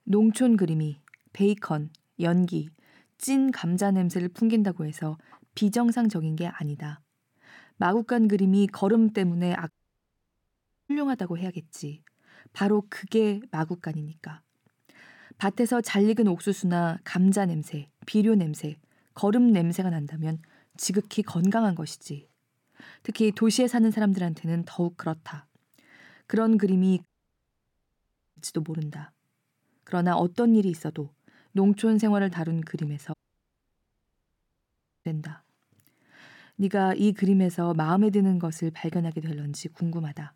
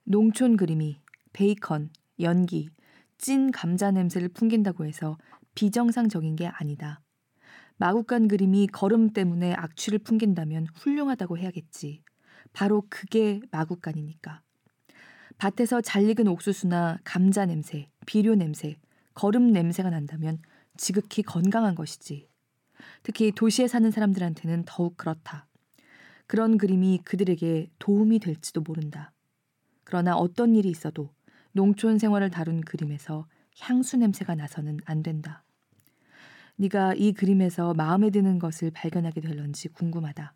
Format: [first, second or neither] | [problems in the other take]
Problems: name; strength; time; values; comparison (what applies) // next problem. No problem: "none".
second | audio cutting out; at 9.5 s for 1 s, at 27 s for 1.5 s and at 33 s for 2 s